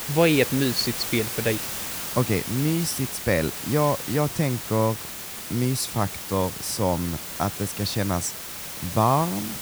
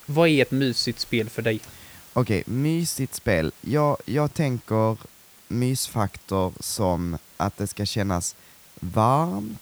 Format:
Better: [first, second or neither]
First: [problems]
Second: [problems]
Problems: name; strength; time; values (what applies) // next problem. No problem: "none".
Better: second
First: hiss; loud; throughout; 6 dB below the speech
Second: hiss; faint; throughout; 25 dB below the speech